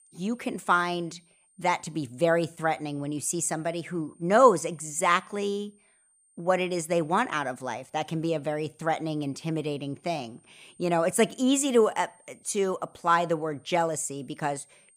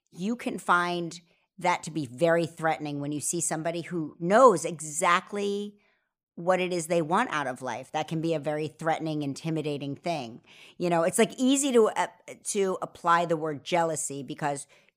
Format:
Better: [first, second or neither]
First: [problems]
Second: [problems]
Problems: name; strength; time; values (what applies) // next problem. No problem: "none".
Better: second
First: high-pitched whine; faint; throughout; 8.5 kHz, 30 dB below the speech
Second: none